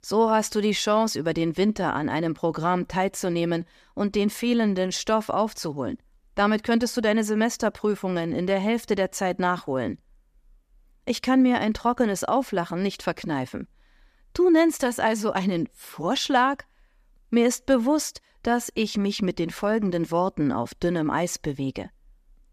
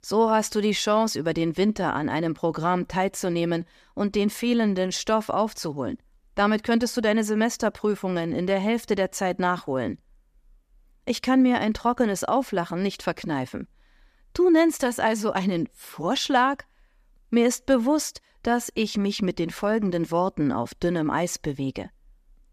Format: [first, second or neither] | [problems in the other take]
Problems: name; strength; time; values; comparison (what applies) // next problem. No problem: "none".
neither | none